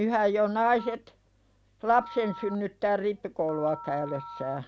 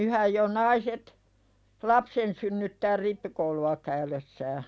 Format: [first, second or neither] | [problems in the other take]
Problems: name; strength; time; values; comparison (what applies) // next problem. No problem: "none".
second | background sound (Telephone); 16 dB below the speech